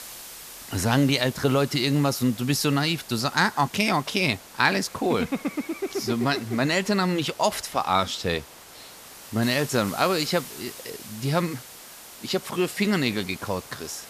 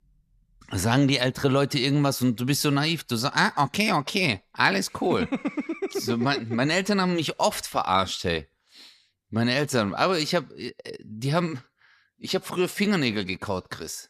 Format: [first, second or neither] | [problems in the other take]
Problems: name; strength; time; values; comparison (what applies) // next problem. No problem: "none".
second | hiss; noticeable; throughout; 15 dB below the speech